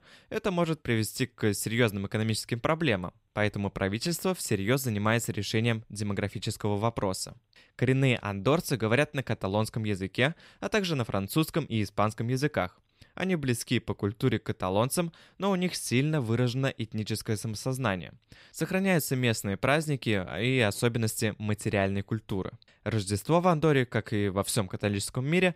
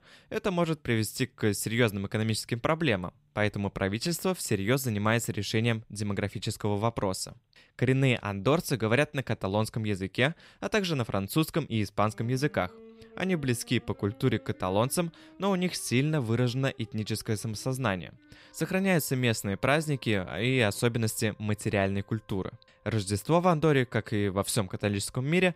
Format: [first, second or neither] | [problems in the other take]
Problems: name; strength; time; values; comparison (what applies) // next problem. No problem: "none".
first | background music; faint; throughout; 30 dB below the speech